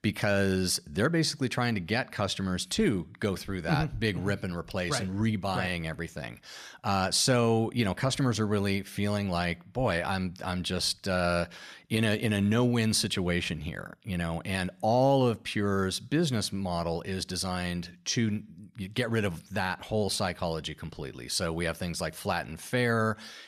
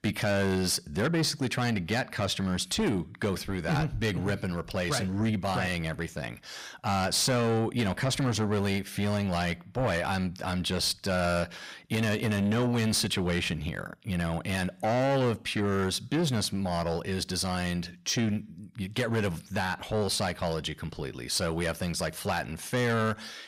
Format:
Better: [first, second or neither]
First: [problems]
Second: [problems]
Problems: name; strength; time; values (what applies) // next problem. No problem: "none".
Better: first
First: none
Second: distortion; slight; 10 dB below the speech